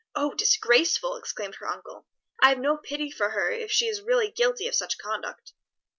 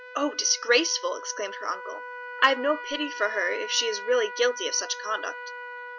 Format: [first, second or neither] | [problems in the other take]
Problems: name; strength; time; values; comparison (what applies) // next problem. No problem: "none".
first | background sound (Trumpet); 11 dB below the speech